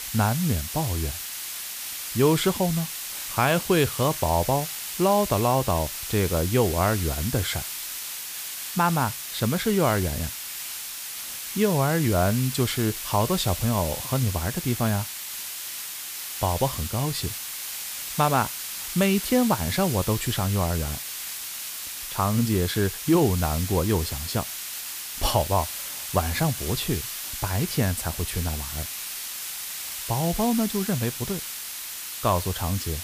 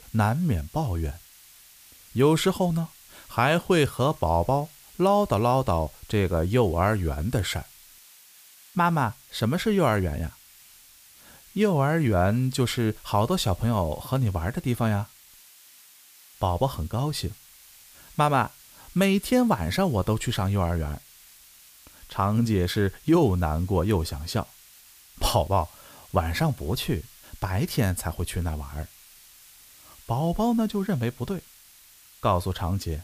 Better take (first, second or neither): second